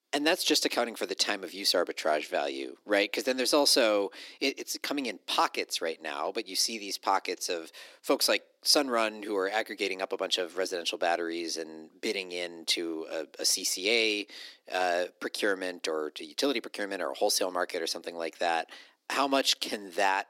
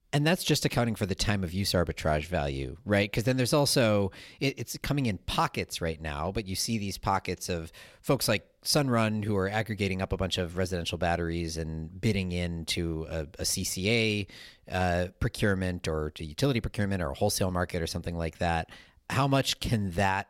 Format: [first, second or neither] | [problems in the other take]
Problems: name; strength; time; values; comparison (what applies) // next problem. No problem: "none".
second | thin; somewhat; fading below 300 Hz